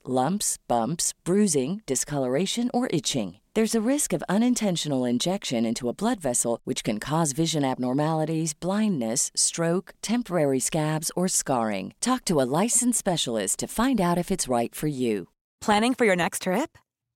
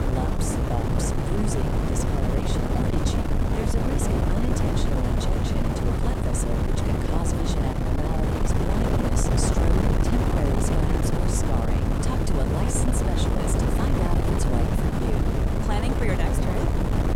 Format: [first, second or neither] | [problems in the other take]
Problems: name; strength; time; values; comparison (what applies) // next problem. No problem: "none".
first | wind noise on the microphone; heavy; 5 dB above the speech